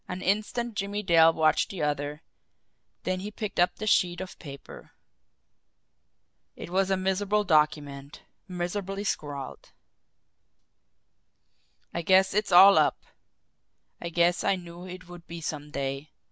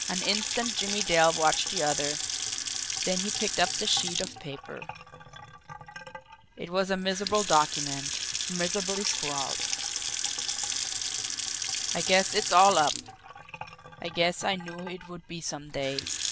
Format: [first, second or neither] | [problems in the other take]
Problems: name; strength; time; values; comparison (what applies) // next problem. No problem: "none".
first | background sound (Sink (filling or washing) / Water tap, faucet / Splash, splatter); 3 dB below the speech